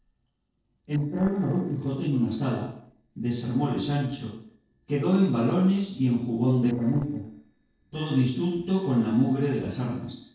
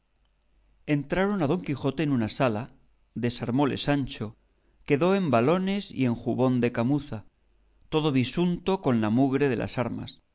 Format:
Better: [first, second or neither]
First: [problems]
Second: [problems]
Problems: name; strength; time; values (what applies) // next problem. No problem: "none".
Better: second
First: noise reduction (neural separator model SepFormer DNS4)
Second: none